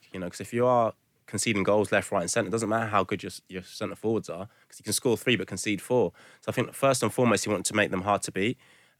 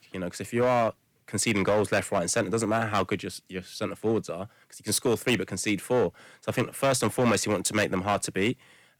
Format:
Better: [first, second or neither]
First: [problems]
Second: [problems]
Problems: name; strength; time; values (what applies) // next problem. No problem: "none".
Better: first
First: none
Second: distortion; slight; 6% of the sound clipped